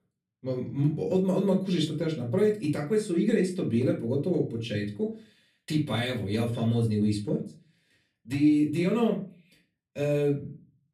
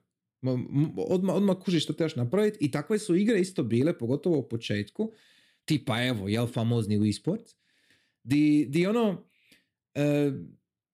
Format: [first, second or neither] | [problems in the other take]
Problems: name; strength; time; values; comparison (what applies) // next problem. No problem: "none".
second | off-mic speech; far // room echo; very slight; dies away in 0.3 s